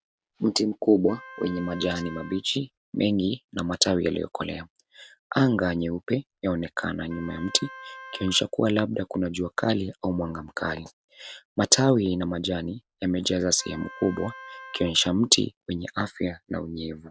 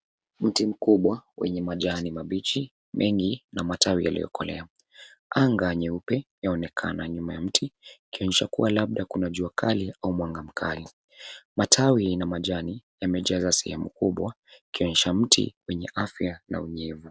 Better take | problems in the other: second | background sound (Wind instrument, woodwind instrument); 19 dB below the speech

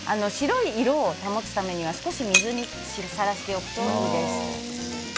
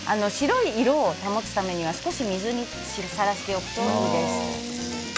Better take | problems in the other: second | background sound (Shatter); 5 dB below the speech

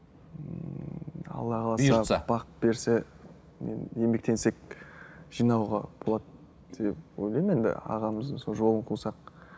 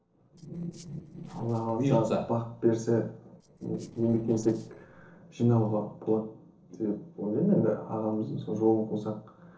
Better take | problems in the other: first | noise reduction (neural separator model SepFormer DNS4)

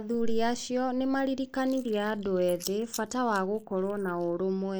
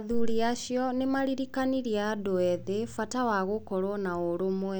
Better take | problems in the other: second | noise reduction (neural mask model Resemble Enhance denoiser)

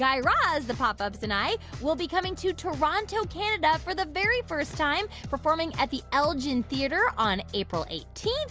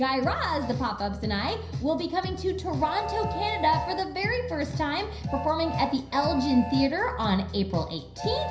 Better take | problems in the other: first | background sound (Train); 11 dB below the speech // room echo; dies away in 0.5 s

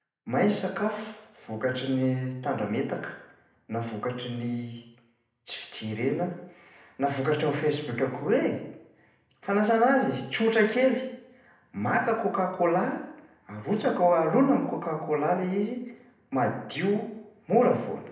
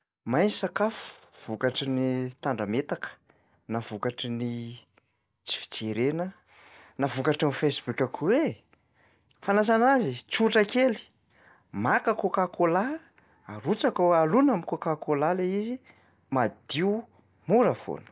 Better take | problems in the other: second | room echo; dies away in 0.7 s

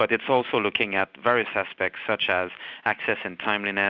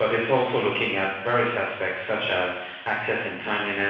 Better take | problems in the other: first | room echo; dies away in 1.1 s

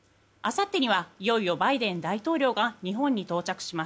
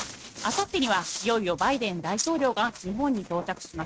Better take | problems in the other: first | noise reduction (neural mask model RNNoise)

